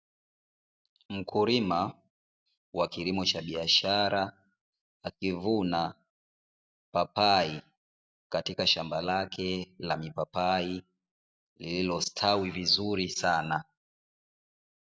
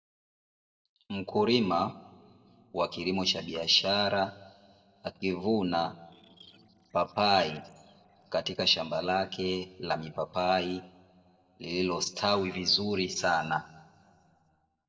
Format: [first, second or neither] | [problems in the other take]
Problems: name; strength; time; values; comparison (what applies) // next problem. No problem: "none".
first | noise reduction (neural separator model SepFormer DNS4)